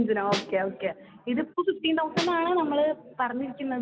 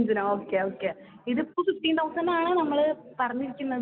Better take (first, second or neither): second